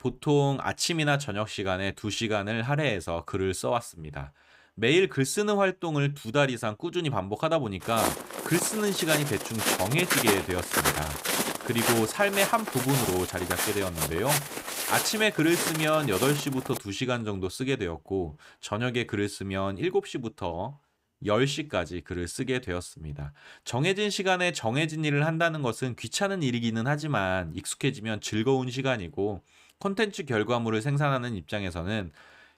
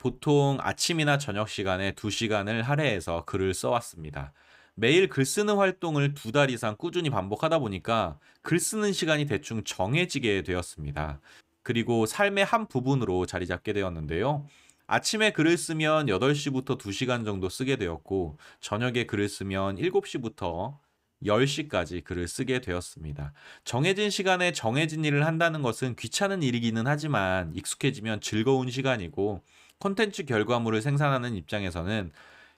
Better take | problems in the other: second | footsteps; loud; from 8 to 17 s; peak 4 dB above the speech

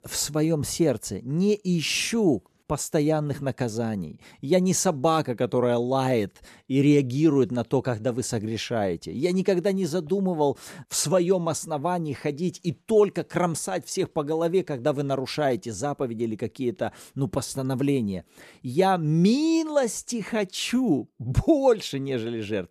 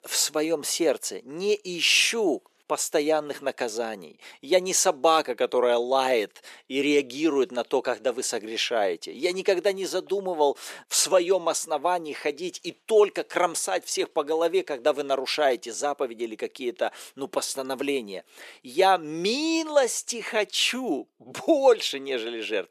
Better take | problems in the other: first | thin; somewhat; fading below 400 Hz

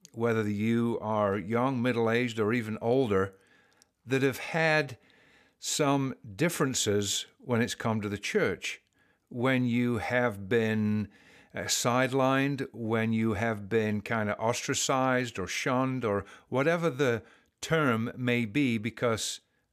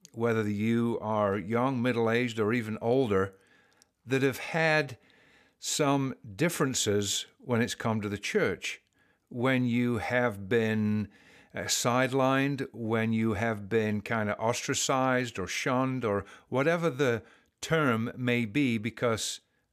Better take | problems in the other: neither | none

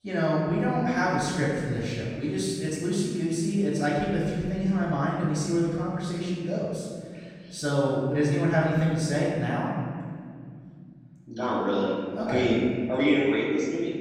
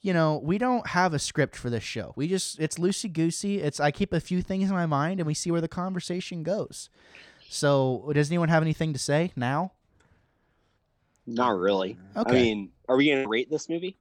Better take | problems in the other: second | off-mic speech; far // room echo; strong; dies away in 2.1 s

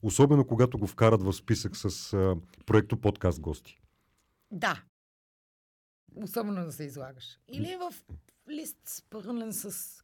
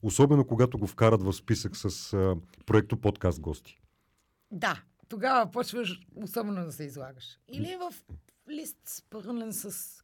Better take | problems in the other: second | audio cutting out; at 5 s for 1 s

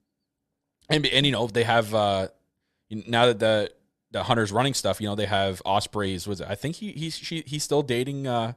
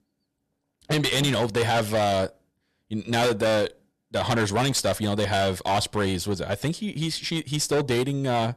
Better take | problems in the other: first | distortion; heavy; 14% of the sound clipped

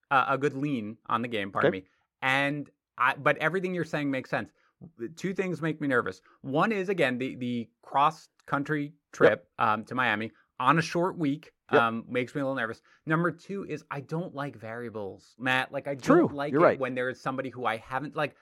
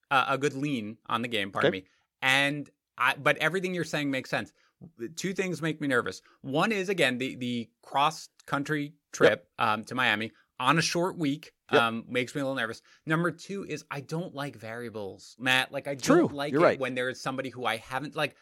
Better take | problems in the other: second | muffled; slightly; fading above 2.5 kHz

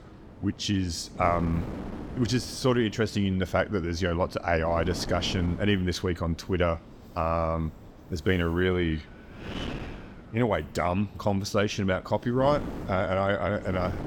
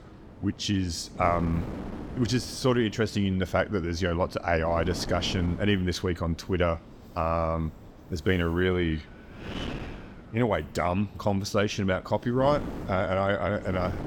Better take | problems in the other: neither | wind noise on the microphone; occasional gusts; 15 dB below the speech; the same in both

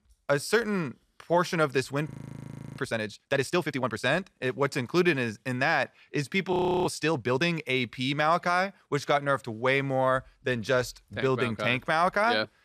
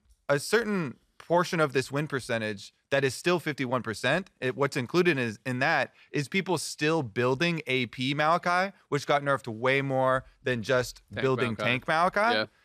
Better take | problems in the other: second | audio freezing; at 2 s for 0.5 s and at 6.5 s

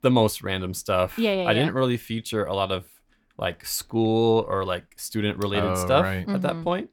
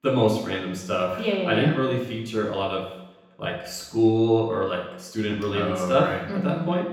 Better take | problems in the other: first | room echo; noticeable; dies away in 0.9 s // off-mic speech; far

